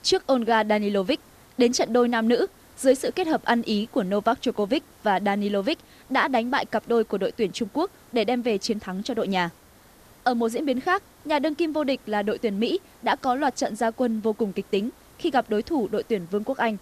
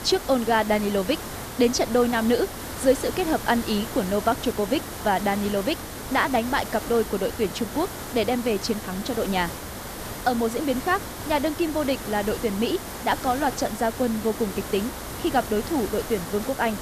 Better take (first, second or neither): first